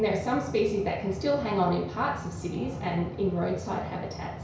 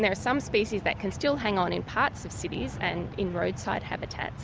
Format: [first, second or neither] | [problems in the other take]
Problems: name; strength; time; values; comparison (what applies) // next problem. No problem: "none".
second | room echo; dies away in 0.6 s